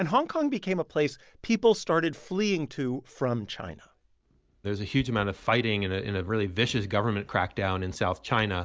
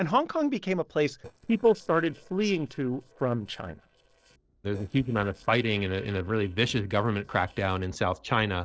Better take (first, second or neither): first